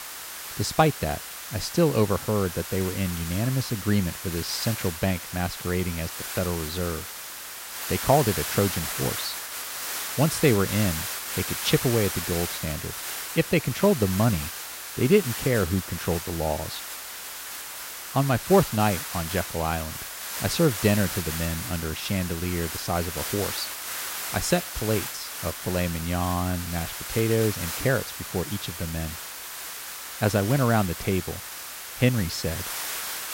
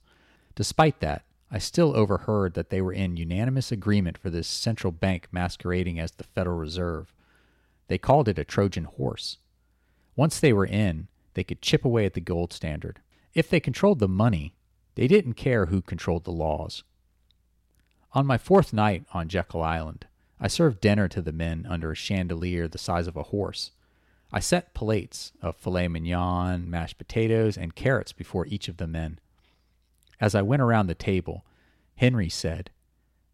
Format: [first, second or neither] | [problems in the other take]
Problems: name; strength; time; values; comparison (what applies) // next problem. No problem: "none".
second | hiss; loud; throughout; 6 dB below the speech